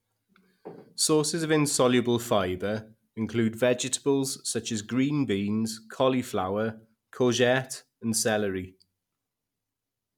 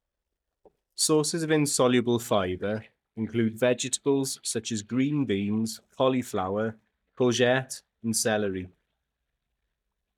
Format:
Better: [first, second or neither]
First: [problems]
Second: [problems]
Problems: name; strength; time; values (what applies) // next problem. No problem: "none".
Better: first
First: none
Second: noise reduction (neural mask model DeepFilterNet 3)